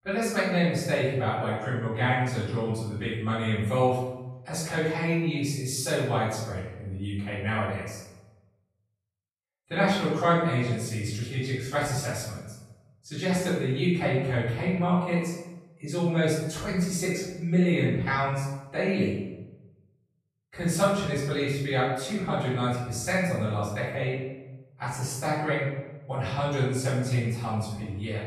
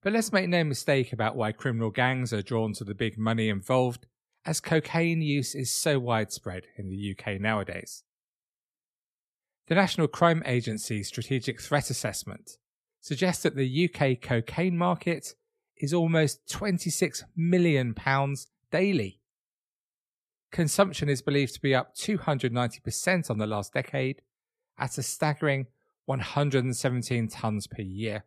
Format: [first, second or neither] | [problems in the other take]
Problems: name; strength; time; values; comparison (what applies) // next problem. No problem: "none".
second | off-mic speech; far // room echo; noticeable; dies away in 0.8 s